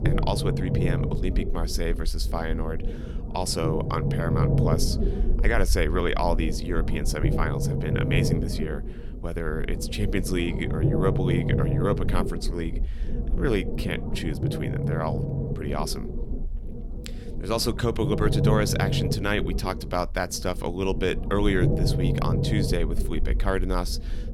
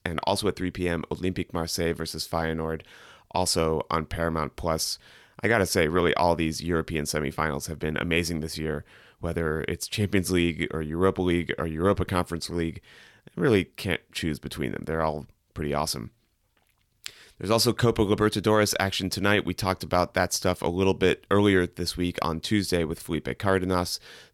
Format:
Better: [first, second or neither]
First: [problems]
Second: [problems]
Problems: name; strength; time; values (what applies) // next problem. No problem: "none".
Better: second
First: low rumble; loud; throughout; 6 dB below the speech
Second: none